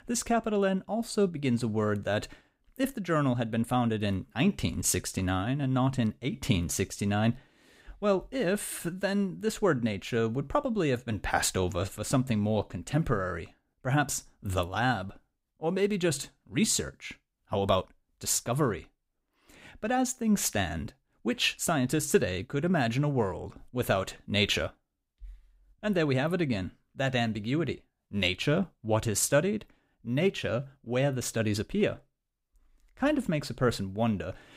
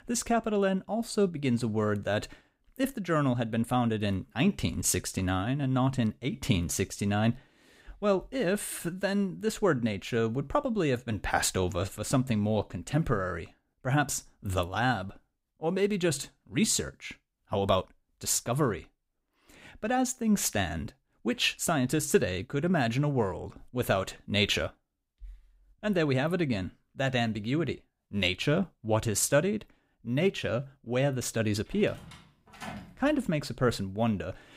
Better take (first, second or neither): first